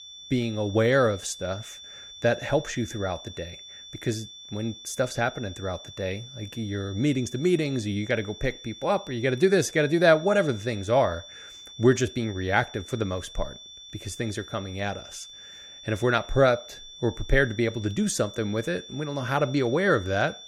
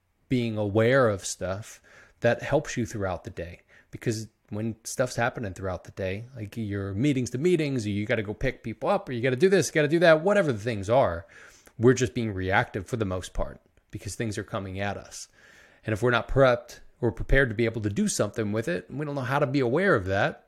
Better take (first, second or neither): second